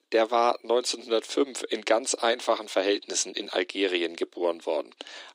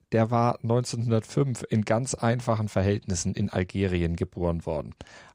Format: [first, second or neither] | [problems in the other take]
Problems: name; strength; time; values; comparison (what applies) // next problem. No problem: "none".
second | thin; very; fading below 300 Hz